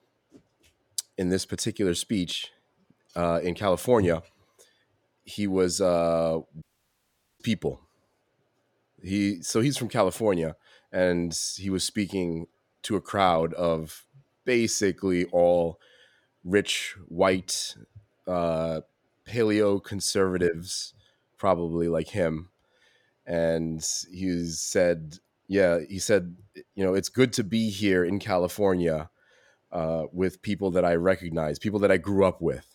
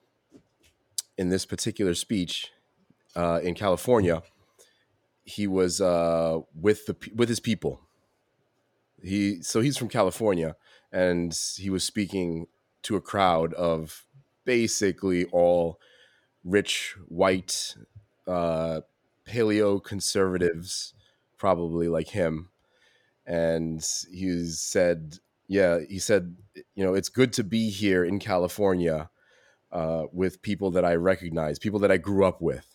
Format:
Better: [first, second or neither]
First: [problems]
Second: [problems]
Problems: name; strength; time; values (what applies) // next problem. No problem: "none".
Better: second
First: audio cutting out; at 6.5 s for 1 s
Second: none